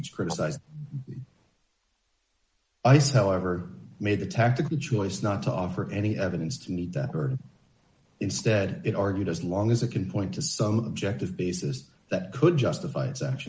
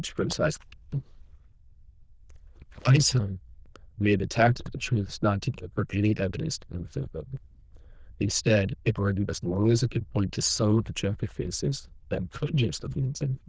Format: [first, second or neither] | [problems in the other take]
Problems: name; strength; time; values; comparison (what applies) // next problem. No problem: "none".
first | noise reduction (neural diffusion model UNIVERSE++)